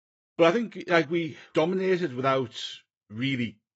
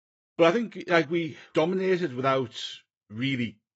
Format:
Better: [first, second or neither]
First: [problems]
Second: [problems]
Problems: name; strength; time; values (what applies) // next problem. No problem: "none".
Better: neither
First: garbled, watery; badly; nothing above 7.5 kHz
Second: garbled, watery; badly; nothing above 7.5 kHz